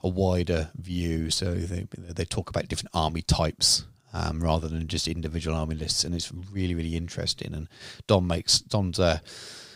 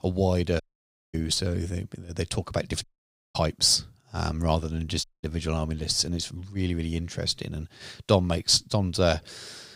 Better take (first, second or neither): first